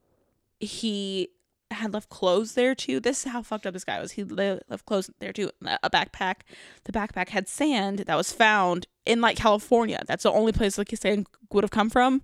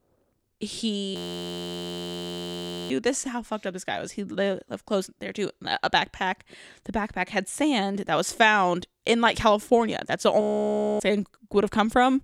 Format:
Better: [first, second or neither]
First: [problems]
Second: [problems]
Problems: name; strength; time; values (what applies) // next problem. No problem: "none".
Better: first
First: none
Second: audio freezing; at 1 s for 2 s and at 10 s for 0.5 s